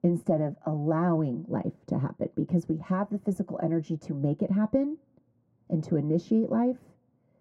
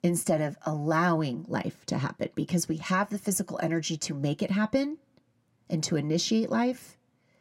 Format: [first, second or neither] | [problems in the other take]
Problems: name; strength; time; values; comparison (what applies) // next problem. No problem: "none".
second | muffled; very; fading above 1.5 kHz